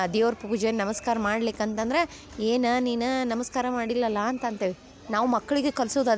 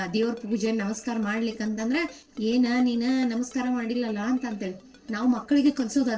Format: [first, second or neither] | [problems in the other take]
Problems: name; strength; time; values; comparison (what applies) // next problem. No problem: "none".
first | noise reduction (neural separator model SepFormer DNS4)